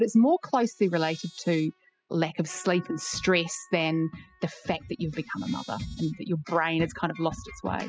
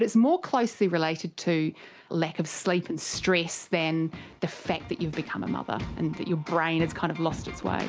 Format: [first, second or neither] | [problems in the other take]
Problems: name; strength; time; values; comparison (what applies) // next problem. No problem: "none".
second | noise reduction (classical method spectral subtraction)